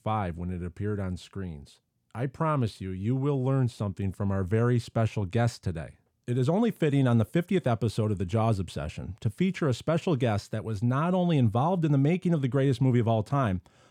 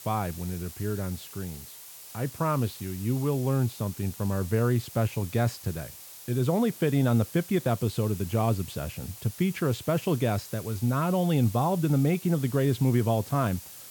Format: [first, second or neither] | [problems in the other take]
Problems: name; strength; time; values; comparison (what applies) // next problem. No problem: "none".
first | hiss; noticeable; throughout; 15 dB below the speech